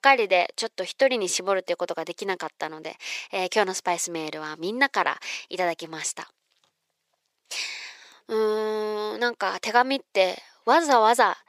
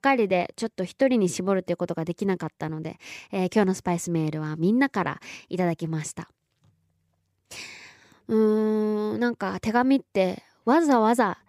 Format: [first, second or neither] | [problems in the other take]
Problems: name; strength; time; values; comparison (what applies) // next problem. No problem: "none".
second | thin; very; fading below 600 Hz